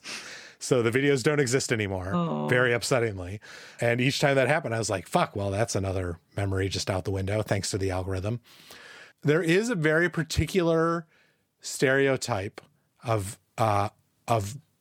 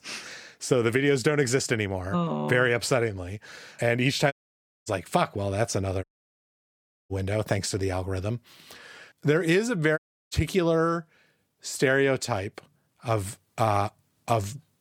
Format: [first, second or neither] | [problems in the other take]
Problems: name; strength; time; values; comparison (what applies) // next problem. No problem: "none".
first | audio cutting out; at 4.5 s for 0.5 s, at 6 s for 1 s and at 10 s